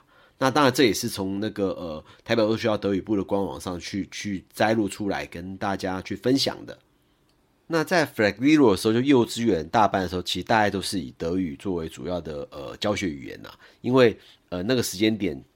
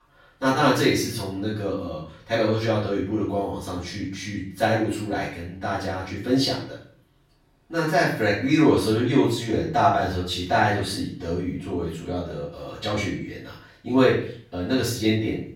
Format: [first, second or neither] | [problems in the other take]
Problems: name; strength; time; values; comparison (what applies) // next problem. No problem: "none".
first | off-mic speech; far // room echo; noticeable; dies away in 0.5 s